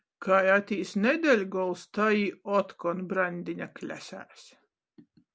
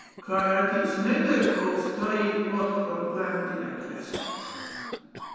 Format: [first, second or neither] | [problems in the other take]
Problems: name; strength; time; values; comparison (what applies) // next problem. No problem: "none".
first | background sound (Cough); 14 dB below the speech // room echo; dies away in 2.1 s